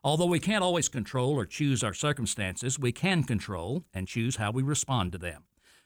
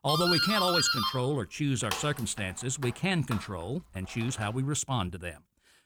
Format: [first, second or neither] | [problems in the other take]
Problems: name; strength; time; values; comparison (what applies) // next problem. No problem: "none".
first | doorbell; loud; until 4.5 s; peak 5 dB above the speech